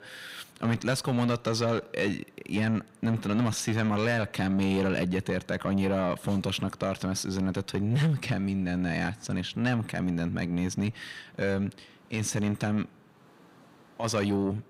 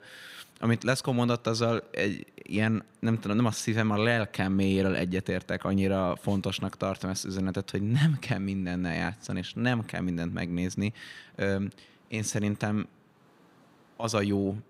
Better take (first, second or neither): second